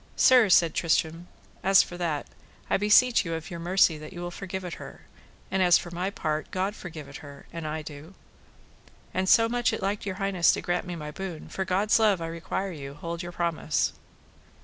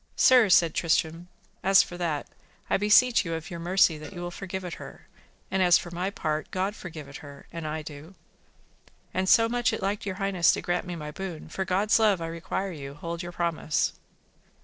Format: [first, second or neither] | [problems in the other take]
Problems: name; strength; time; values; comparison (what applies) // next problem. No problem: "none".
first | noise reduction (neural separator model SepFormer DNS4)